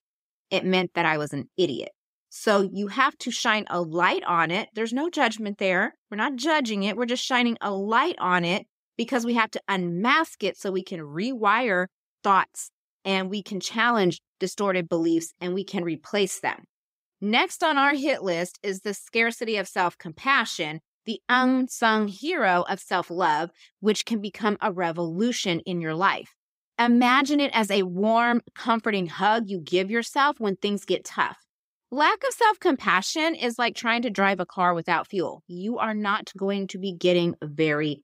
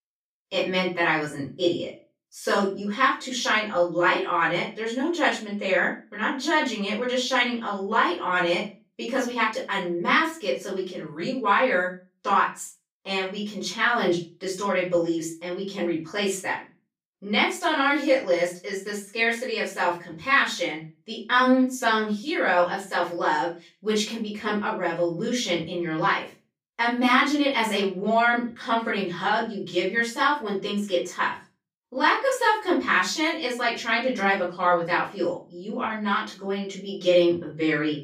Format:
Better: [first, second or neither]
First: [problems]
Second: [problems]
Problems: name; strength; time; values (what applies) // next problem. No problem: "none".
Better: first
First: none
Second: off-mic speech; far // room echo; slight; dies away in 0.3 s